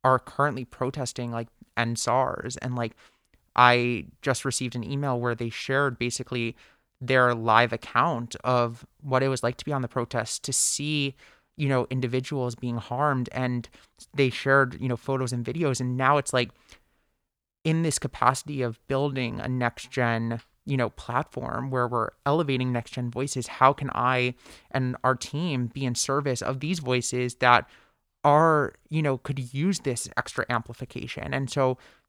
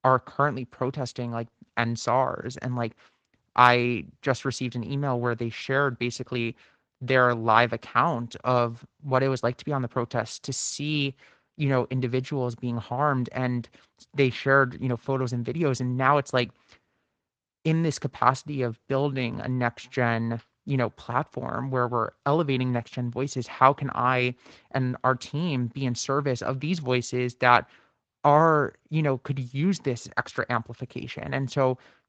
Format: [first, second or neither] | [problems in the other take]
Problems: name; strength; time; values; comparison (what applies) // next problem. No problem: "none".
first | garbled, watery; slightly